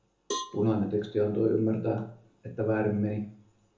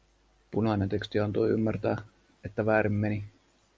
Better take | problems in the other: second | background sound (Cowbell); 13 dB below the speech // room echo; dies away in 0.7 s

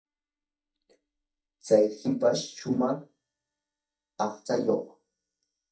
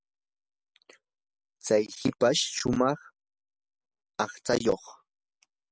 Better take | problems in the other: second | noise reduction (neural mask model DeepFilterNet 3)

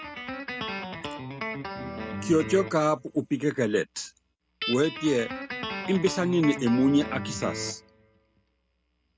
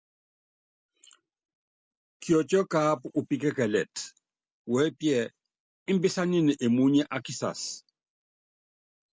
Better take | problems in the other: second | background sound (Guitar); 9 dB below the speech

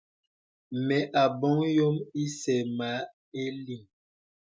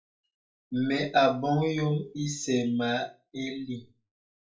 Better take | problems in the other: first | room echo; dies away in 0.3 s

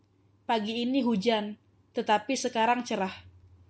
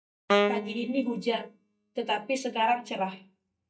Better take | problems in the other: first | noise reduction (neural mask model DeepFilterNet 3)

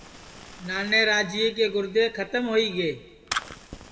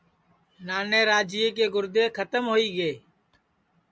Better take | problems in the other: second | background sound (Fire); 14 dB below the speech // room echo; dies away in 1.4 s

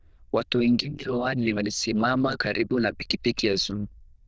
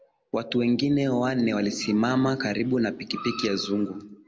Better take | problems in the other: second | noise reduction (neural diffusion model UNIVERSE++)

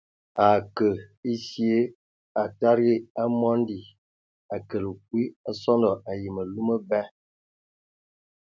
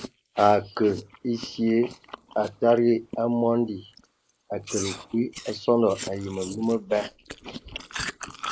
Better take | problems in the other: first | noise reduction (neural mask model Resemble Enhance denoiser)

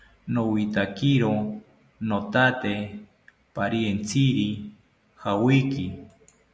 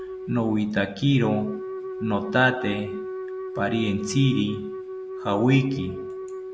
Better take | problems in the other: first | background sound (Wind instrument, woodwind instrument); 9 dB below the speech

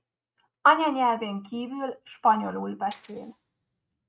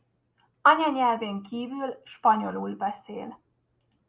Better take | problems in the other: second | noise reduction (neural mask model RNNoise)

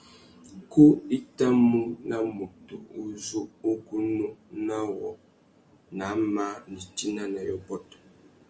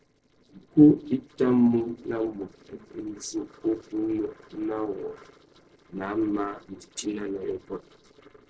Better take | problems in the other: first | noise reduction (neural separator model SepFormer DNS4)

